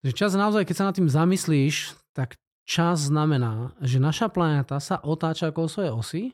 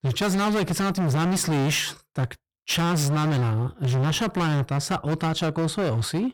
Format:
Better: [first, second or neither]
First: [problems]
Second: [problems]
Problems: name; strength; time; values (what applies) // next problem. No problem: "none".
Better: first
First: none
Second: distortion; heavy; 35% of the sound clipped